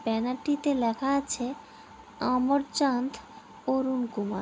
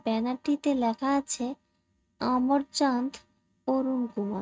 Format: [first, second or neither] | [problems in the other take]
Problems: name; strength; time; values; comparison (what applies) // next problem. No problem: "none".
first | noise reduction (neural mask model RNNoise)